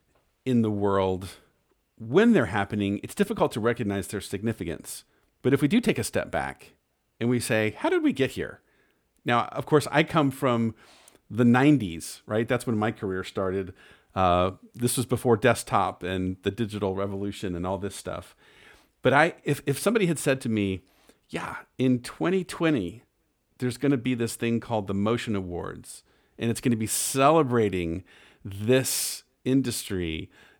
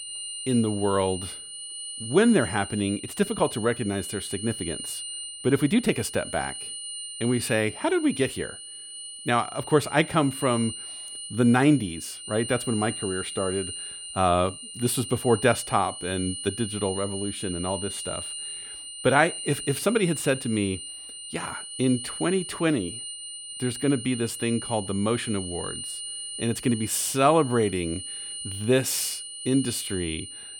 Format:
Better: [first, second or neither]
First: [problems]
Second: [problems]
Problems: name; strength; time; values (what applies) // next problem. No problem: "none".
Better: first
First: none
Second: high-pitched whine; loud; throughout; 9 kHz, 8 dB below the speech